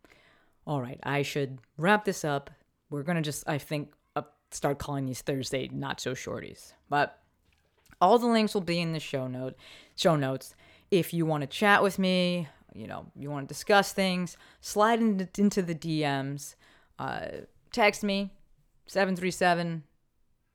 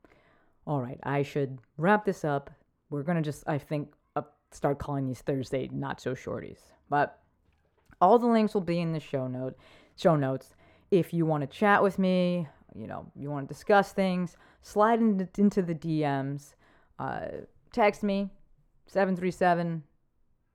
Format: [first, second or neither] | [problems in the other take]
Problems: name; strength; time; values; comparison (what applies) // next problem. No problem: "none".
first | muffled; slightly; fading above 2 kHz